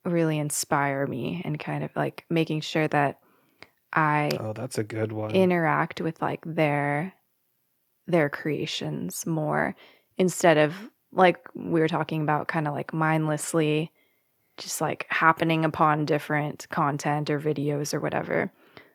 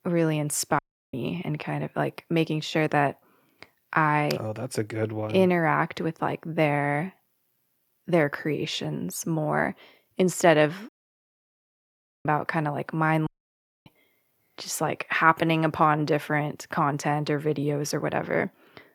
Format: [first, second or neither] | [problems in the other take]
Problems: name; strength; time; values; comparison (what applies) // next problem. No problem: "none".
first | audio cutting out; at 1 s, at 11 s for 1.5 s and at 13 s for 0.5 s